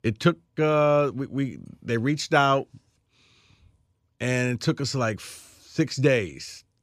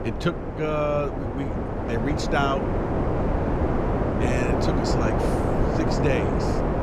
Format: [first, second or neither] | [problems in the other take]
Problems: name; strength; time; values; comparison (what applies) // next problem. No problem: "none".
first | wind noise on the microphone; heavy; 1 dB above the speech